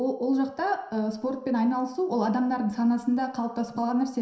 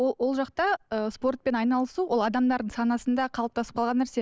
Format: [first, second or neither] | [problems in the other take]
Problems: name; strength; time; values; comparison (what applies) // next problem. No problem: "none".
second | room echo; dies away in 0.7 s